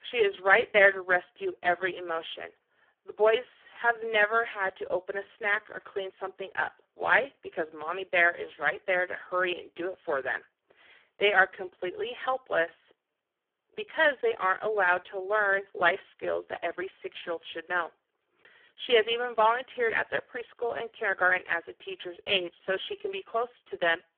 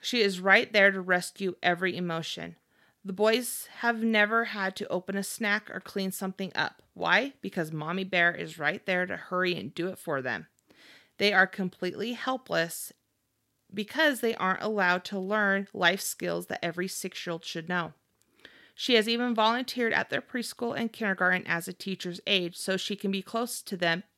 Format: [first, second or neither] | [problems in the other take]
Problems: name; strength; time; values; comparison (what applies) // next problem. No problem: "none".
second | phone-call audio; poor line; nothing above 3.5 kHz